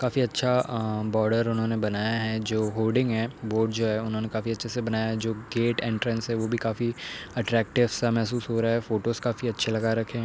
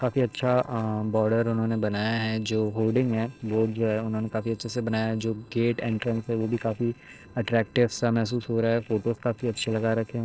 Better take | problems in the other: first | noise reduction (neural separator model SepFormer DNS4)

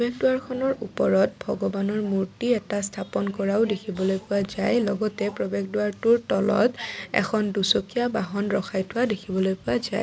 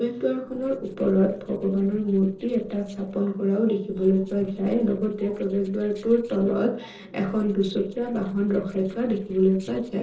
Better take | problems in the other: first | noise reduction (neural separator model SepFormer DNS4)

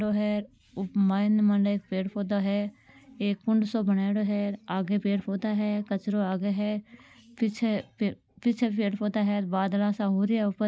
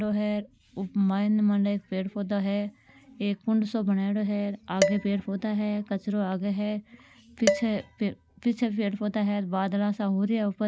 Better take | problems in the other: first | background sound (Dishes, pots, and pans); 7 dB below the speech

